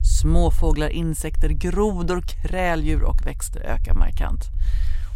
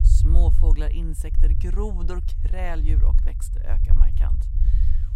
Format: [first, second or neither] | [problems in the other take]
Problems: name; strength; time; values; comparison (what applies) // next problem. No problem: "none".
first | low rumble; loud; throughout; 6 dB below the speech; faint in the first